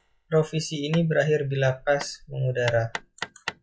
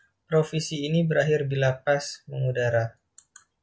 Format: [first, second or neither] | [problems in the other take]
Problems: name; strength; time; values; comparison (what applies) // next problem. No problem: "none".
second | noise reduction (classical method log-MMSE)